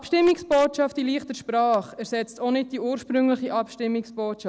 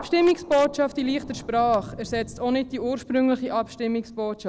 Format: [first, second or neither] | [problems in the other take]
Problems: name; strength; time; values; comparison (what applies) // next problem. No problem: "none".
first | background sound (Thunder); 19 dB below the speech